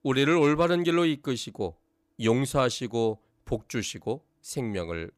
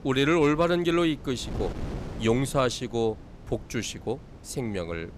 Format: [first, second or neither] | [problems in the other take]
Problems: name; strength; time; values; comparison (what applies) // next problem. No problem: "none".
first | wind noise on the microphone; occasional gusts; 20 dB below the speech